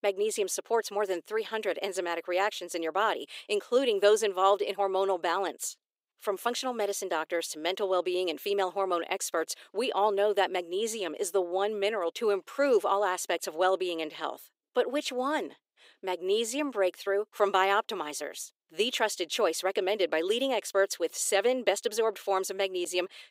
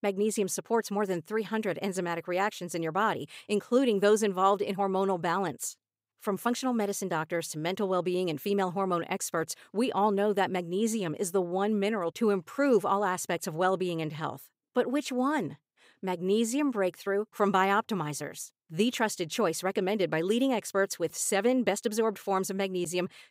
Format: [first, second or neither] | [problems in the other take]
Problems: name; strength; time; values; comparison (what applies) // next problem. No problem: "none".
second | thin; somewhat; fading below 350 Hz